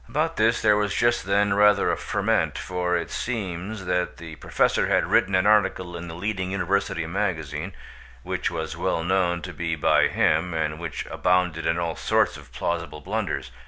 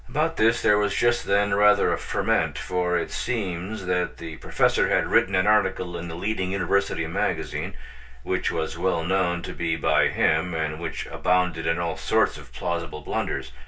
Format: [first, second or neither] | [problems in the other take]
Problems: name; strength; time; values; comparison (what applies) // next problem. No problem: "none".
first | room echo; dies away in 0.1 s